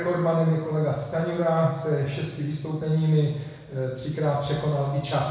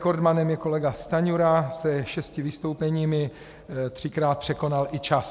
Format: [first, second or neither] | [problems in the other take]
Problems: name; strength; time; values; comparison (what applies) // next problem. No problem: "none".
second | room echo; dies away in 1 s